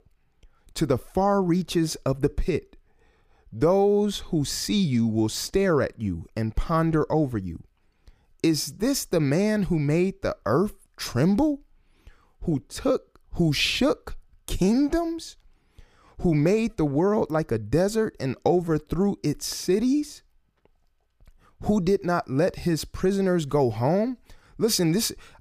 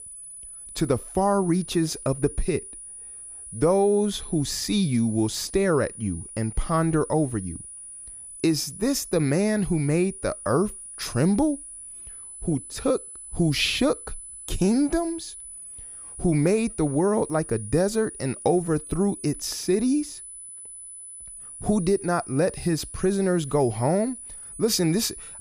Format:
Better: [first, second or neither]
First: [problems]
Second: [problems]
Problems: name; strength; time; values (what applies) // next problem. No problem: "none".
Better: first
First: none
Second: high-pitched whine; noticeable; throughout; 9.5 kHz, 15 dB below the speech